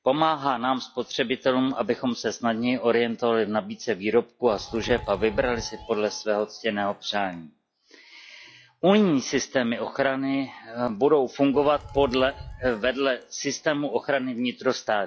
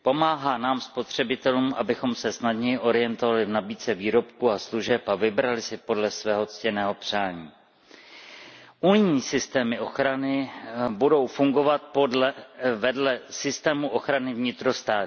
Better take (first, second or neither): second